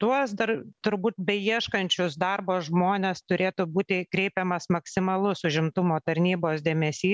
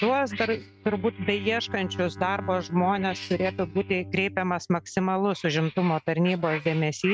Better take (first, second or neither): first